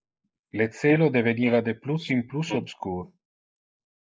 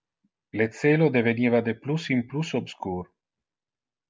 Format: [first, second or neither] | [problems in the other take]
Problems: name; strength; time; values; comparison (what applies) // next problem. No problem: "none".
second | noise reduction (neural mask model Resemble Enhance denoiser)